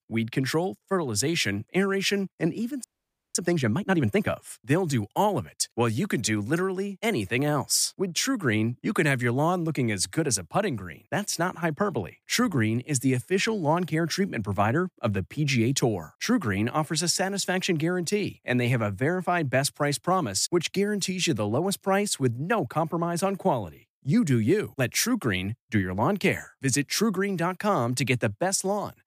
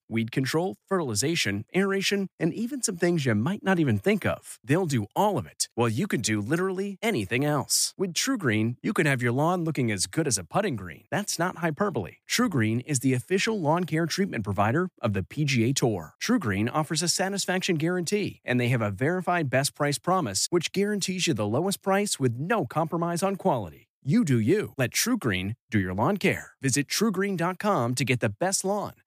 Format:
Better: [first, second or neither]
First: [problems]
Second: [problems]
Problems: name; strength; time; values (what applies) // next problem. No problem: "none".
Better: second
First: audio freezing; at 3 s for 0.5 s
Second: none